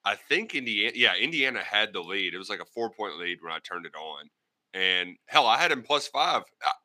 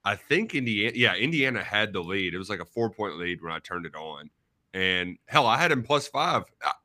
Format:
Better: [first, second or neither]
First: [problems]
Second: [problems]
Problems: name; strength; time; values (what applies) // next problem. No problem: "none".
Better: second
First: thin; somewhat; fading below 300 Hz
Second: none